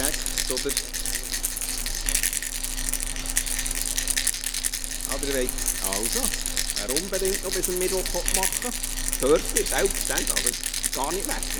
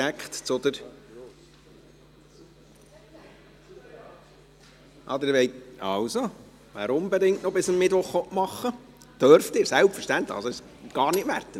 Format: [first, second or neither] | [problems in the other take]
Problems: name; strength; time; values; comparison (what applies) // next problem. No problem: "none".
second | background sound (Rattle); 5 dB above the speech